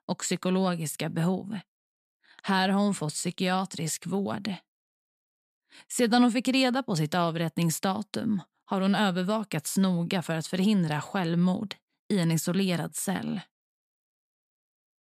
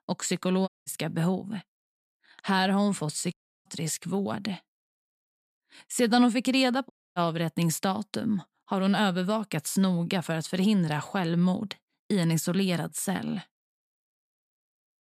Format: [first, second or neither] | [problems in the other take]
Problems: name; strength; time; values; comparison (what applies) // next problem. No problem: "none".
first | audio cutting out; at 0.5 s, at 3.5 s and at 7 s